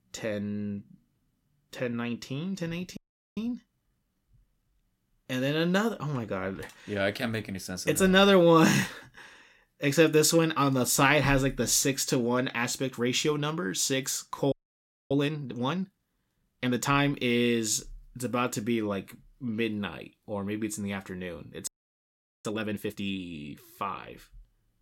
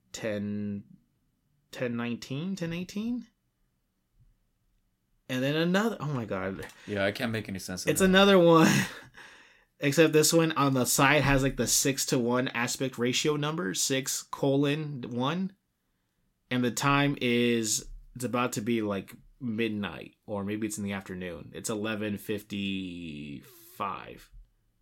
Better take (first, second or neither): second